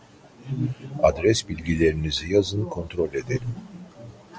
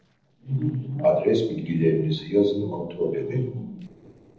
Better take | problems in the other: first | noise reduction (neural separator model SepFormer DNS4)

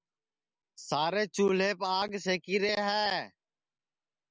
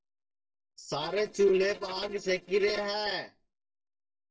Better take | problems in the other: first | noise reduction (neural separator model SepFormer DNS4)

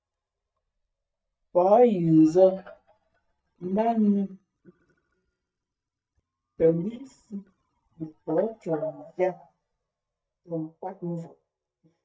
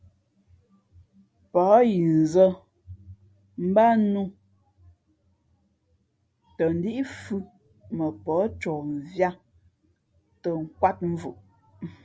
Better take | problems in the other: second | noise reduction (neural mask model DeepFilterNet 3)

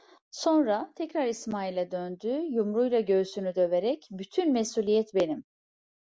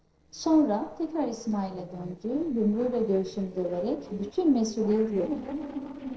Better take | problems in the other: first | noise reduction (neural separator model SepFormer DNS4)

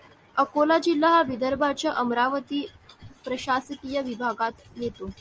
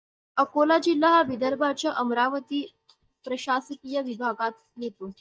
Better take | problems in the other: first | noise reduction (neural mask model DeepFilterNet 3)

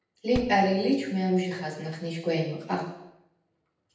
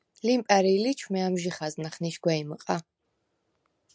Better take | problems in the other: second | noise reduction (neural separator model SepFormer DNS4)

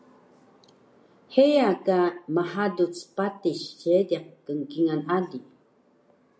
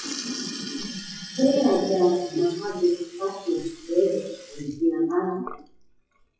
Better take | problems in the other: first | noise reduction (classical method WPE with log-MMSE)

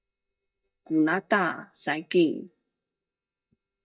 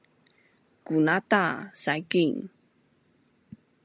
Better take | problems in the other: second | noise reduction (neural mask model DeepFilterNet 3)

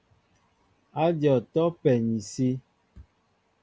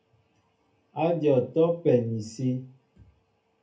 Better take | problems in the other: first | room echo; dies away in 0.3 s

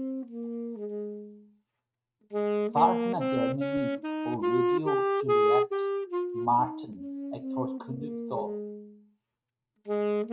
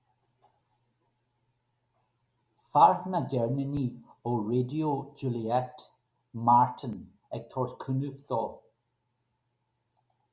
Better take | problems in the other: second | noise reduction (neural mask model RNNoise)

